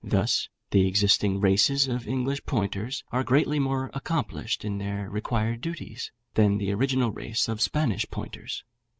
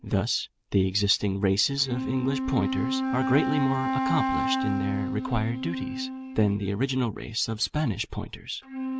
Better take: first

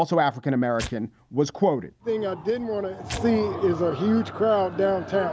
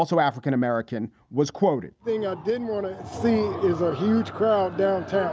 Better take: second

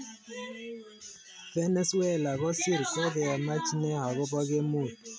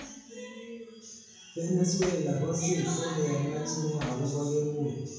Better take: first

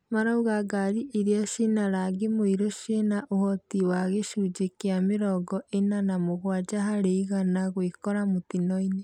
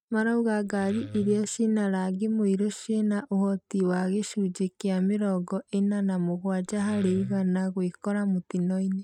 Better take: first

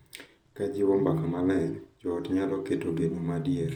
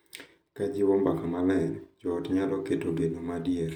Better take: second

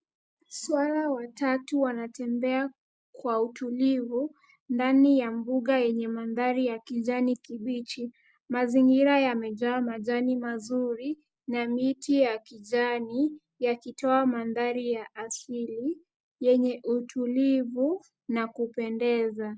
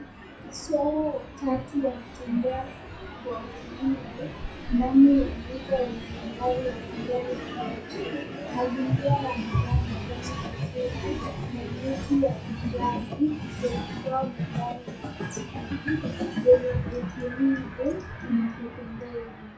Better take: first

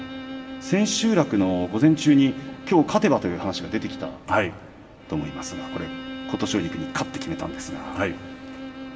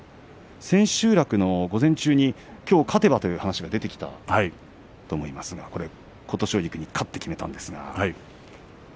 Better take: second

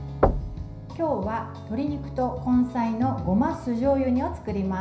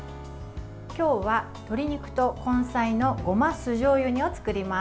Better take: second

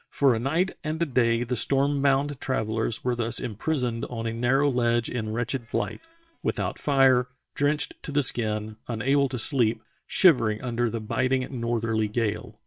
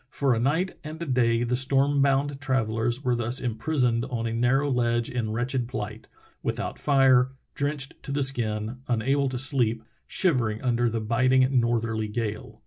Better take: second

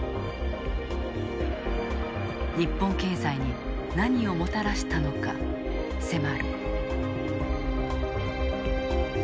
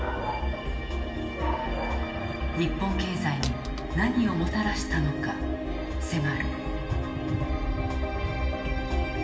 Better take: first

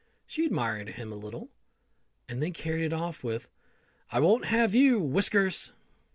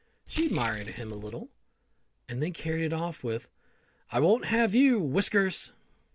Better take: first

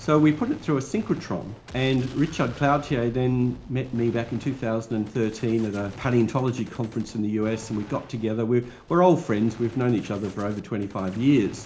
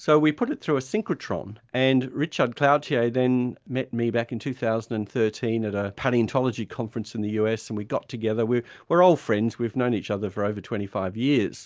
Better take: second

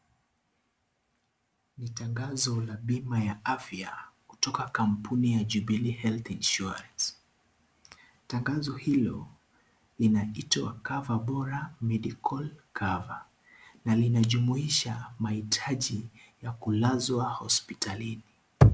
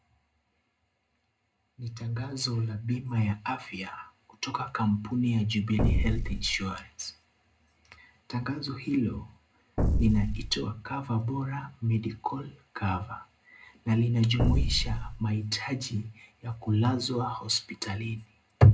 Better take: first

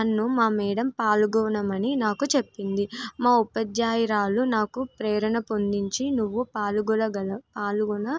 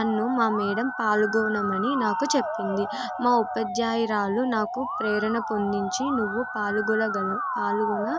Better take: first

